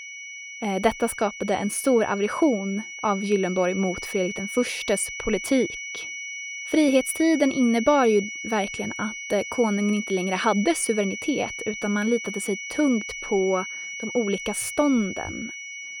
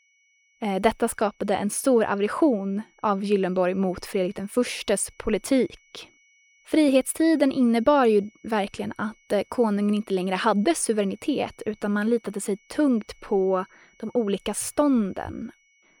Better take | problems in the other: second | high-pitched whine; loud; throughout; 2 kHz, 8 dB below the speech; faint in the second

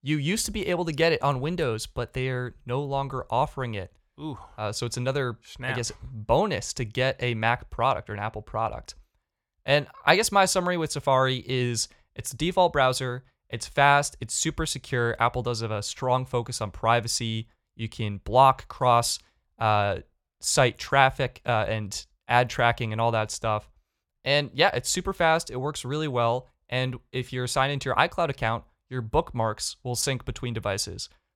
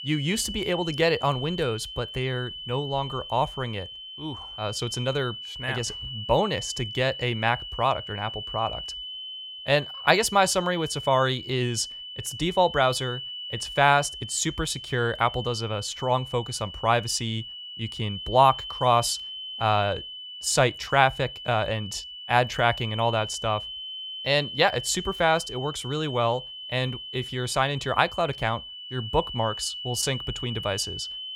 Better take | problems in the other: first | high-pitched whine; loud; throughout; 3 kHz, 9 dB below the speech

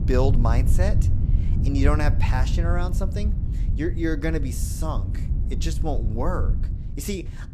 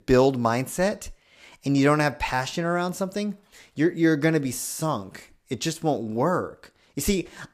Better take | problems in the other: second | wind noise on the microphone; heavy; 10 dB below the speech

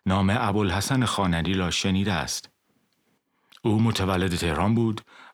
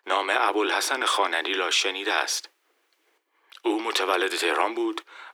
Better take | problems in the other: first | thin; very; fading below 300 Hz

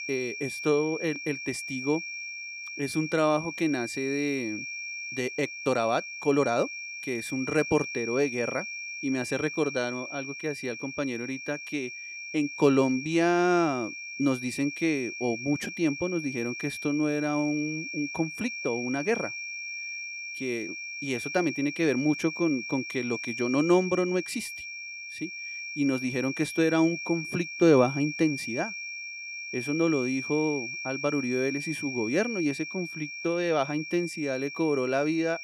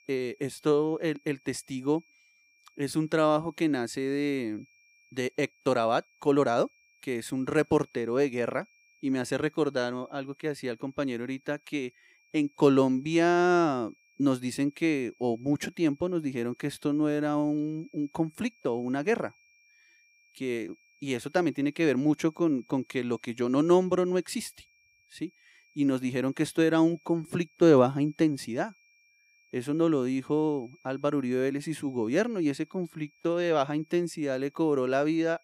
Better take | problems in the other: second | high-pitched whine; loud; throughout; 2.5 kHz, 7 dB below the speech; faint in the second

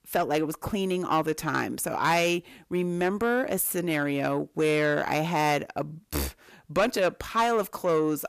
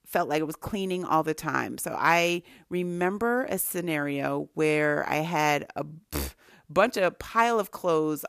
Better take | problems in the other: second | distortion; slight; 10 dB below the speech

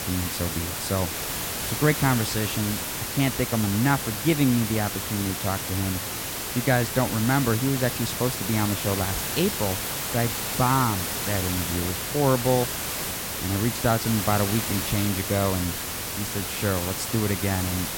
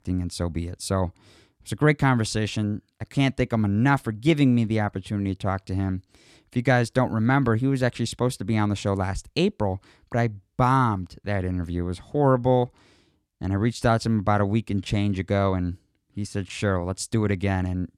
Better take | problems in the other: second | hiss; loud; throughout; 2 dB below the speech

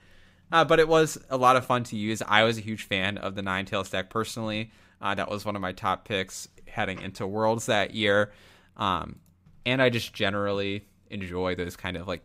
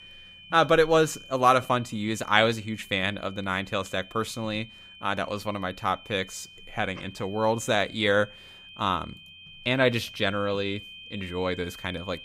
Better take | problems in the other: first | high-pitched whine; noticeable; throughout; 3 kHz, 20 dB below the speech

